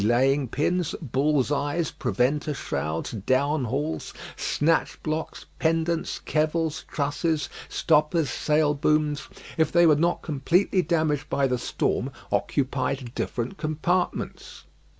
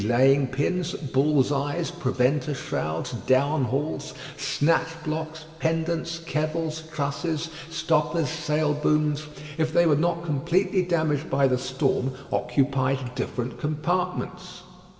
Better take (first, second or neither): first